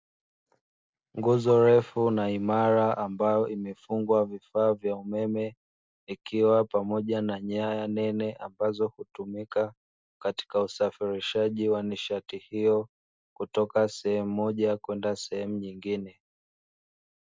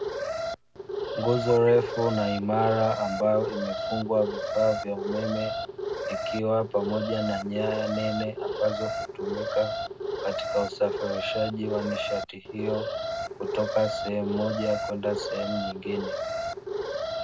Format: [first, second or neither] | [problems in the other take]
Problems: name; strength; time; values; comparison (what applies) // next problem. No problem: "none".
first | background sound (Alarm); 3 dB below the speech // room echo; dies away in 0.3 s